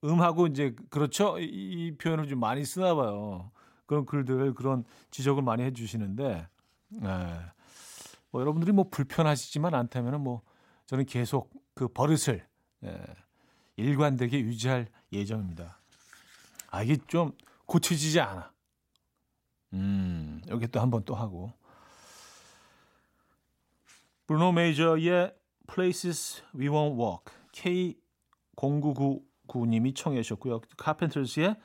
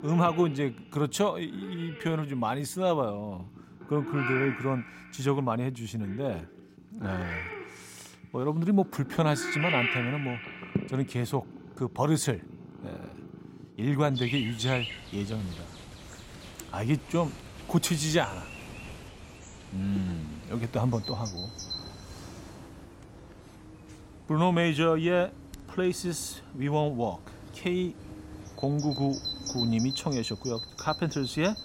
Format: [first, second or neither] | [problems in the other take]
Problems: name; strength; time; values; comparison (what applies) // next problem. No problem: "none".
first | animal sounds; loud; throughout; 8 dB below the speech